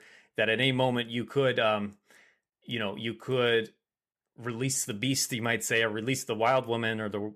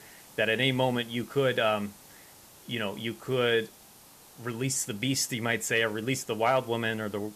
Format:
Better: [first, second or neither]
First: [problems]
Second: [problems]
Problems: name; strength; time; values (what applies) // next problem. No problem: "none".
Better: first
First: none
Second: hiss; faint; throughout; 20 dB below the speech